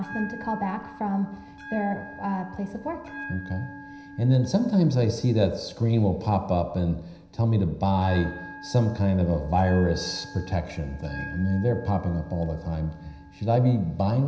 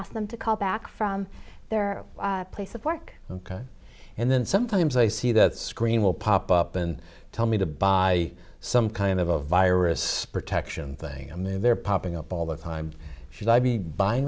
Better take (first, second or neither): second